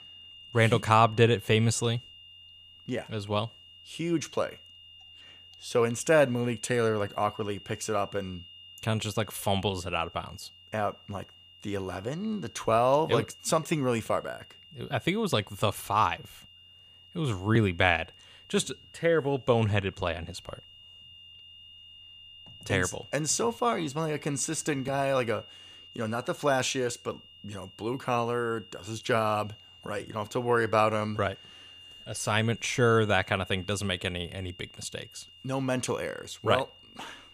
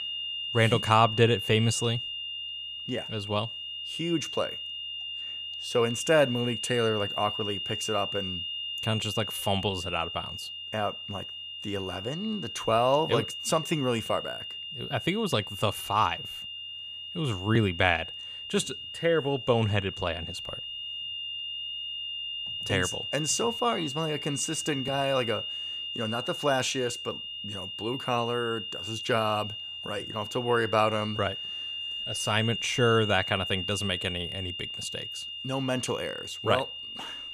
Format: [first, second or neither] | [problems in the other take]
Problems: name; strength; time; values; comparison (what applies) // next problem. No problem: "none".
first | high-pitched whine; loud; throughout; 3 kHz, 5 dB below the speech; faint in the first